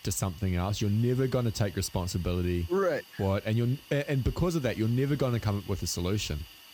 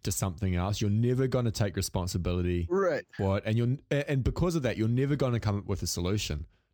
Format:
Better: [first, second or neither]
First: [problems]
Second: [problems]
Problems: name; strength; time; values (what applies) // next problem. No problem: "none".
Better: second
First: hiss; noticeable; throughout; 20 dB below the speech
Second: none